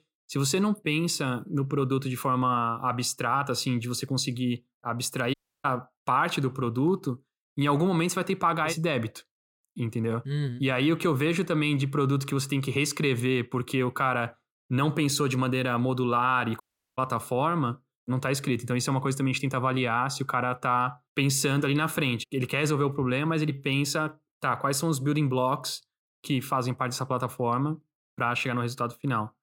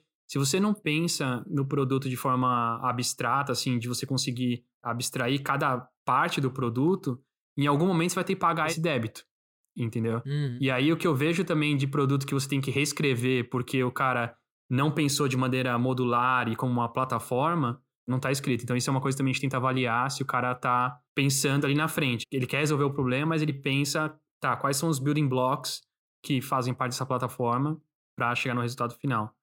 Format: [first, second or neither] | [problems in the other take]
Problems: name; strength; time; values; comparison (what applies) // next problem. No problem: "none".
second | audio cutting out; at 5.5 s and at 17 s